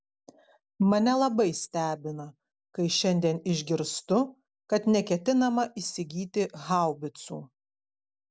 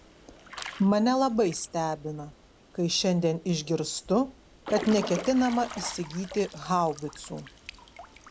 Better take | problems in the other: first | background sound (Drip / Trickle, dribble / Water / Splash, splatter); 15 dB below the speech

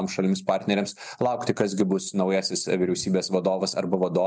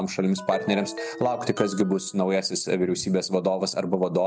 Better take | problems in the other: first | background sound (Ringtone); 13 dB below the speech

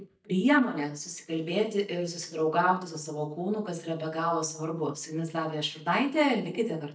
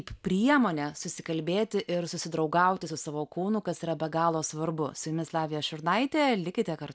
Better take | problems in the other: second | noise reduction (neural mask model DeepFilterNet 3)

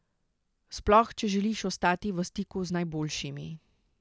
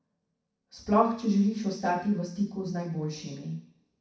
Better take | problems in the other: first | room echo; dies away in 0.6 s

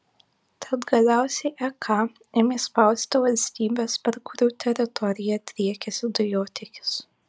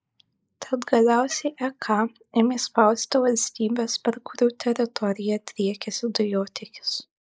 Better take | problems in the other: first | noise reduction (neural mask model Resemble Enhance denoiser)

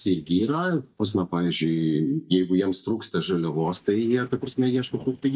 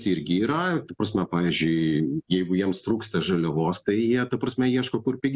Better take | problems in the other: second | noise reduction (neural mask model DeepFilterNet 3)

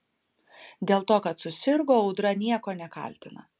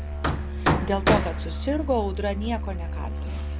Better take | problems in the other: first | background sound (Hammer + Musical instrument); 3 dB above the speech

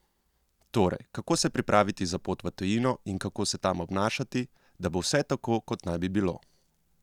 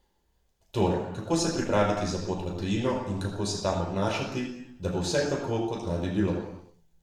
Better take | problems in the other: first | room echo; dies away in 0.8 s

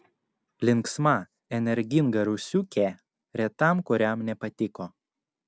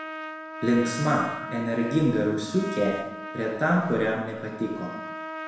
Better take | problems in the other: first | background sound (Trumpet); 10 dB below the speech // room echo; dies away in 0.9 s

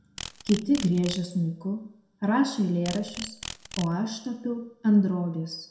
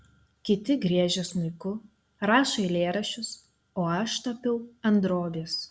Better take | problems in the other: second | background sound (Insect); 15 dB below the speech // room echo; dies away in 0.6 s

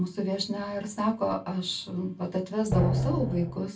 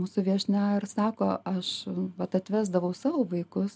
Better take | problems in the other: second | background sound (Drum); 2 dB above the speech // room echo; dies away in 0.2 s

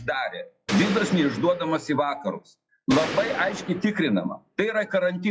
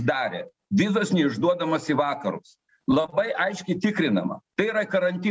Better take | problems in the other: second | noise reduction (classical method log-MMSE)

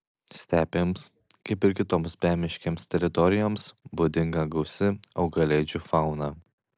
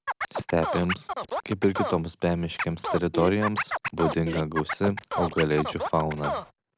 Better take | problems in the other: first | background sound (Scratching (performance technique)); 5 dB below the speech

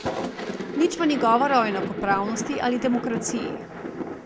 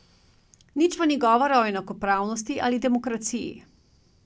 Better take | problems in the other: second | background sound (Thunder); 6 dB below the speech

